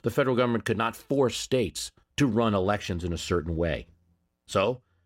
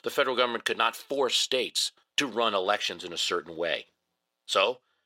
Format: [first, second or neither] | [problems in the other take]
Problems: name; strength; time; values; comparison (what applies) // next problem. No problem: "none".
first | thin; somewhat; fading below 550 Hz